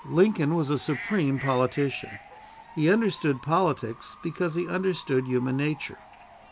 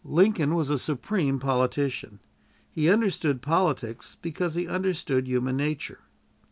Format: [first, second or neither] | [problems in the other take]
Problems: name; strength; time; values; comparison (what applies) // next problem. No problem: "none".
second | background sound (Bird / Fowl); 18 dB below the speech